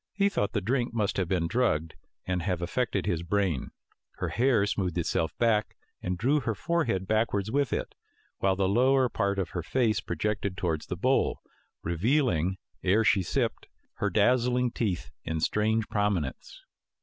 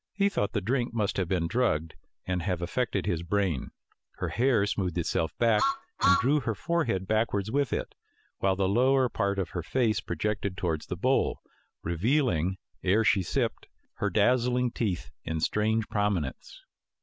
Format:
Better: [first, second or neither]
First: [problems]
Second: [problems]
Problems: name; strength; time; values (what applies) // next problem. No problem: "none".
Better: first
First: none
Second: background sound (Truck); 3 dB below the speech